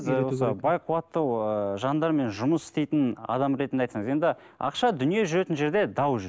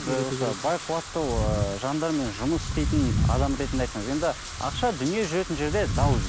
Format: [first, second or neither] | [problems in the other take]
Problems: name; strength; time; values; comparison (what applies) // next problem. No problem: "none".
first | background sound (Wind / Rain); 2 dB below the speech